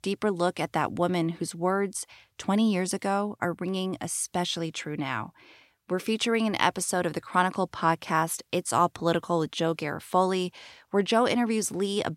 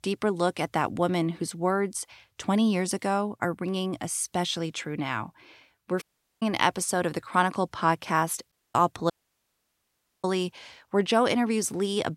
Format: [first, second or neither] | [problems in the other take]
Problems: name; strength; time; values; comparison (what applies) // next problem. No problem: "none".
first | audio cutting out; at 6 s, at 8.5 s and at 9 s for 1 s